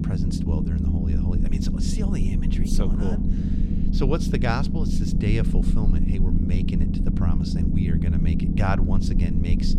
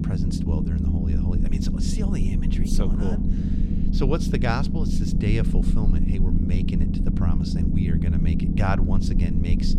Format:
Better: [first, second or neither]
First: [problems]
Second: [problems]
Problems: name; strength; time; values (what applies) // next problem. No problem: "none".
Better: neither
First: low rumble; loud; throughout; as loud as the speech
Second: low rumble; loud; throughout; as loud as the speech